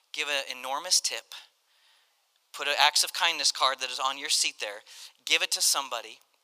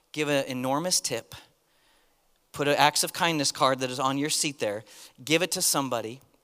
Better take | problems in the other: second | thin; very; fading below 850 Hz

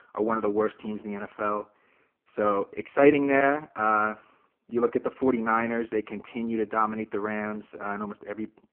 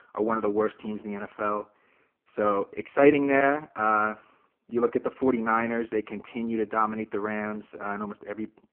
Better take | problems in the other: neither | phone-call audio; poor line; the same in both

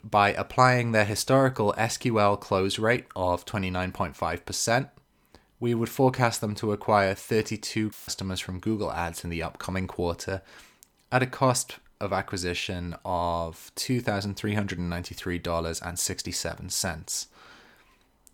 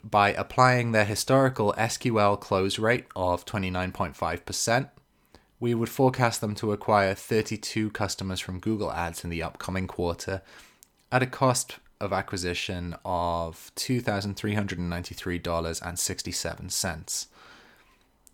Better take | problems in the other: second | audio cutting out; filled with static; at 8 s

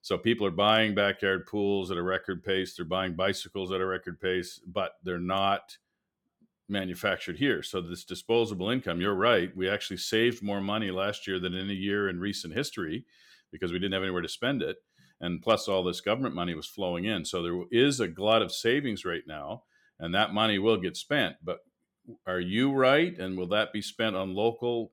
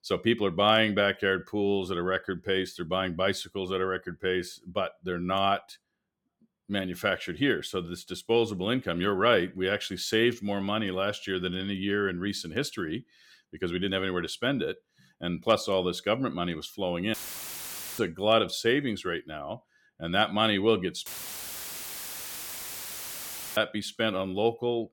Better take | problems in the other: first | audio cutting out; filled with static; at 17 s for 1 s and at 21 s for 2.5 s

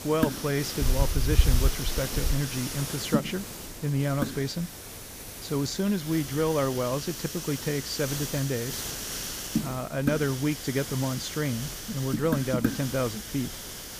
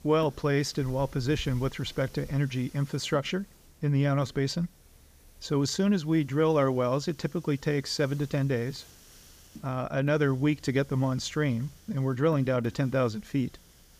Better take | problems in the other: second | hiss; loud; throughout; 2 dB below the speech; faint in the second

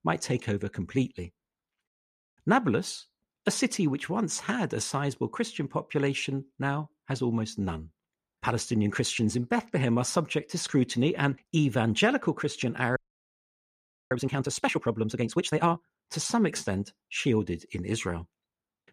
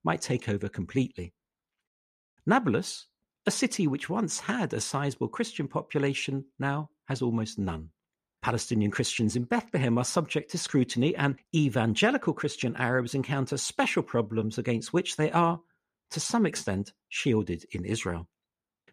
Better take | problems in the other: second | audio freezing; at 13 s for 1 s

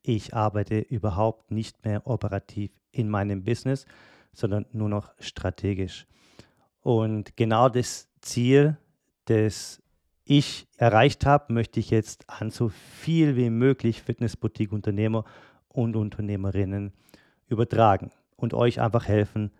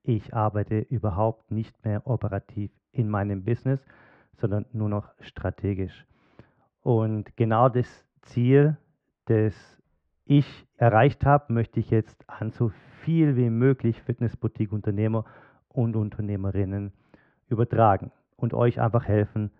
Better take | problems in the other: first | muffled; very; fading above 1.5 kHz

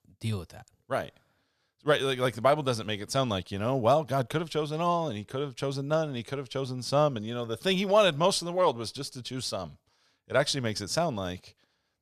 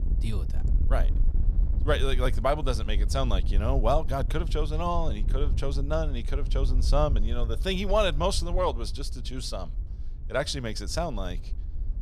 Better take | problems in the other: first | wind noise on the microphone; occasional gusts; 20 dB below the speech

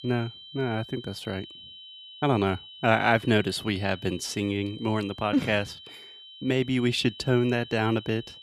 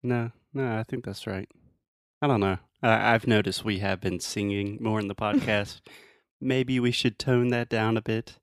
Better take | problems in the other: second | high-pitched whine; noticeable; throughout; 3 kHz, 15 dB below the speech

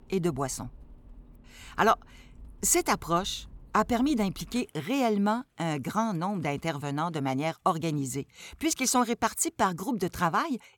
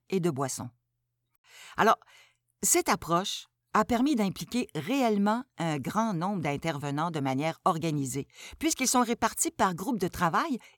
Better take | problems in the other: second | traffic noise; faint; throughout; 25 dB below the speech

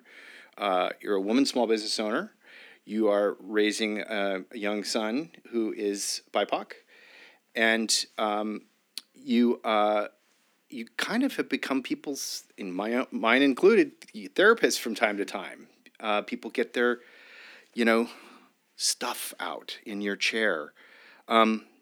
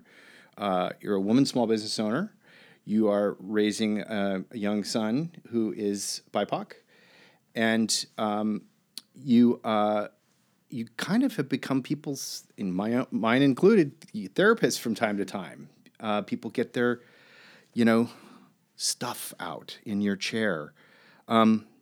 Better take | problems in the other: second | thin; very slightly; fading below 250 Hz

